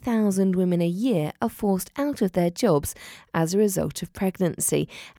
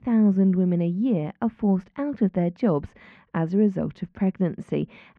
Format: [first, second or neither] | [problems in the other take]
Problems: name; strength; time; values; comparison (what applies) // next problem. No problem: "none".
first | muffled; very; fading above 2.5 kHz